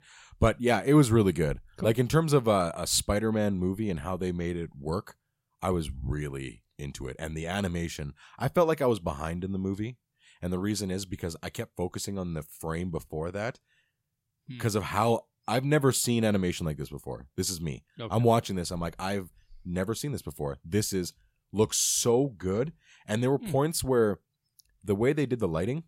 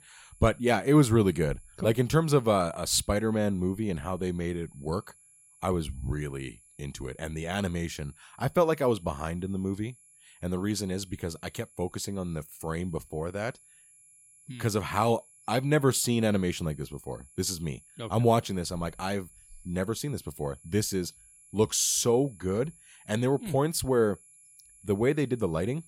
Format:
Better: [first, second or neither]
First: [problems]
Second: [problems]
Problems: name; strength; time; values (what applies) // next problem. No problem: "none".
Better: first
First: none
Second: high-pitched whine; faint; throughout; 11 kHz, 25 dB below the speech